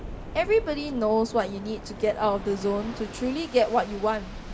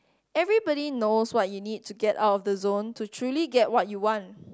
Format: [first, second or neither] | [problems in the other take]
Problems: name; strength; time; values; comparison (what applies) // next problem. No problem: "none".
second | background sound (Waves, surf); 12 dB below the speech // room echo; dies away in 1.9 s